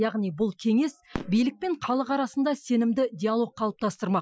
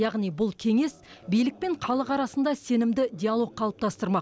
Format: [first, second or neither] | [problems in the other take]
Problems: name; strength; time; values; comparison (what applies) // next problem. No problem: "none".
second | noise reduction (classical method Wiener filter)